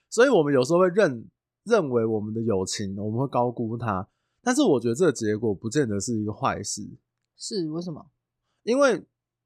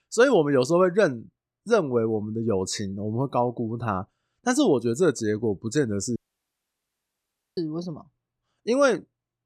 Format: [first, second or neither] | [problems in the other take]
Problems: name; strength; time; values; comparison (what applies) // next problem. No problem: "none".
first | audio cutting out; at 6 s for 1.5 s